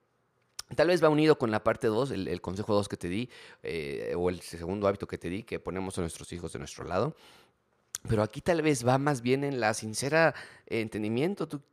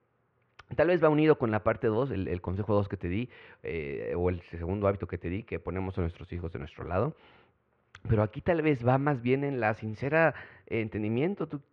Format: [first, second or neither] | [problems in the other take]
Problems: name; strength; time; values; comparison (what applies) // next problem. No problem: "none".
first | muffled; very; fading above 2.5 kHz